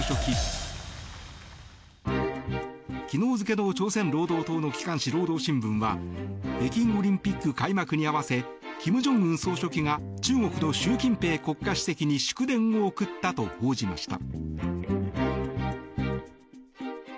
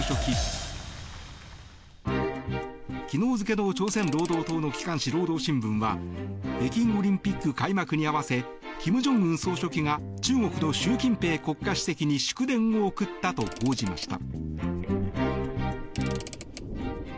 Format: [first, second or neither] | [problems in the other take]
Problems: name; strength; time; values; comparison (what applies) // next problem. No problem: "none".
first | background sound (Mechanisms / Car + Thunder); 16 dB below the speech